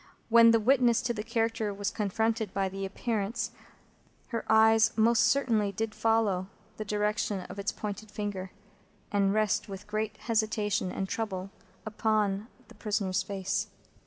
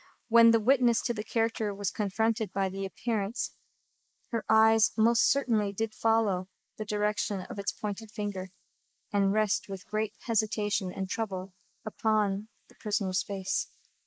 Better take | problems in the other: first | noise reduction (neural mask model Resemble Enhance denoiser)

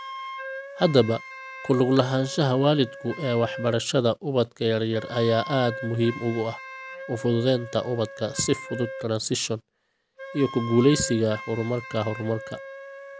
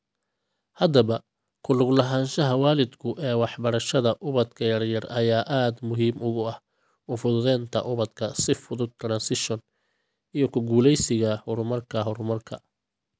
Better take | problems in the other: second | background sound (Wind instrument, woodwind instrument); 13 dB below the speech

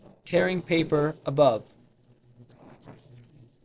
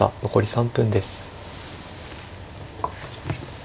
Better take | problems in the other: second | noise reduction (neural separator model SepFormer DNS4)

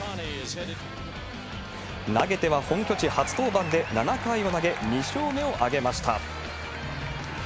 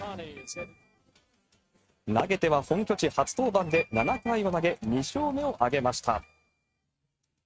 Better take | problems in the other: first | noise reduction (neural mask model RNNoise)

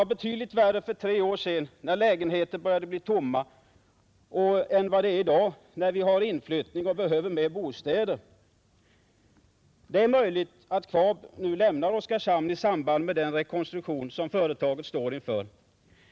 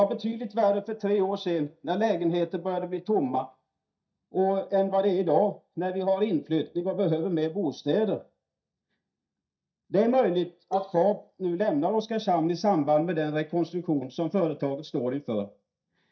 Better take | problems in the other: first | noise reduction (neural mask model DeepFilterNet 3)

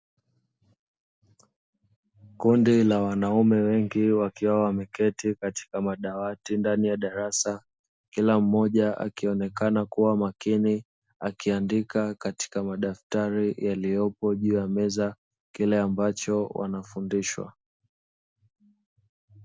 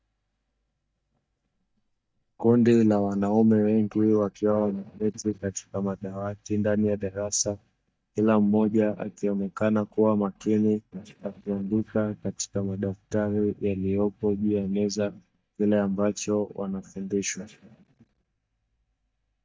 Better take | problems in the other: first | noise reduction (neural mask model DeepFilterNet 3)

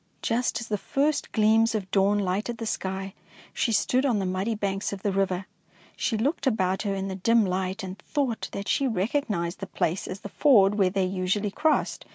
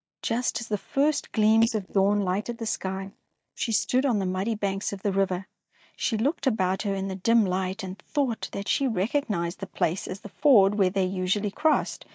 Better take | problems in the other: first | noise reduction (neural mask model DeepFilterNet 3)

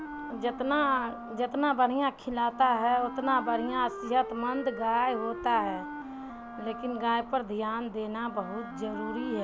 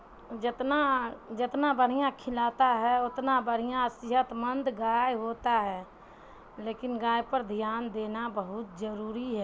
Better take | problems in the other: second | background sound (Wind instrument, woodwind instrument); 11 dB below the speech

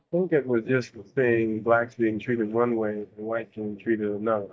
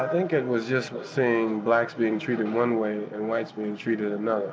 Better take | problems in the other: second | noise reduction (neural mask model DeepFilterNet 3)

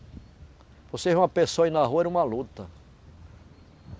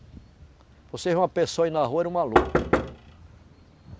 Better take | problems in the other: first | background sound (Knock); 2 dB above the speech

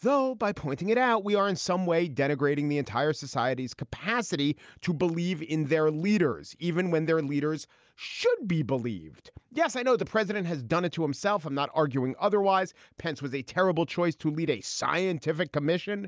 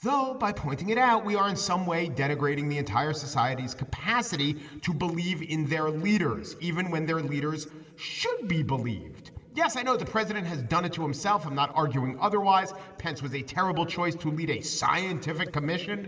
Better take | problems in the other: first | room echo; dies away in 2.5 s

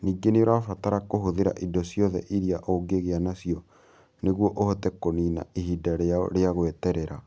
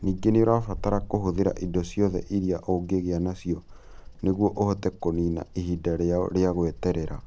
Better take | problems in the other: first | background sound (Bird vocalization, bird call, bird song); 13 dB below the speech

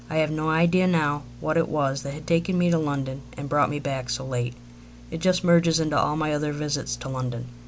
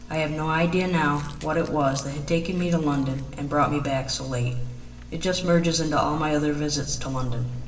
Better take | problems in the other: first | background sound (Chewing, mastication); 13 dB below the speech // room echo; dies away in 1 s

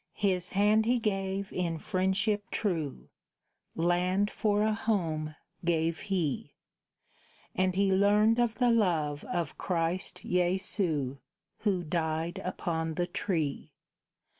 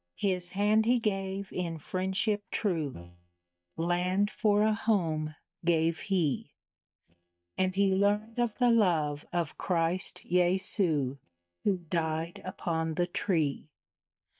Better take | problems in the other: first | noise reduction (neural mask model DeepFilterNet 3)

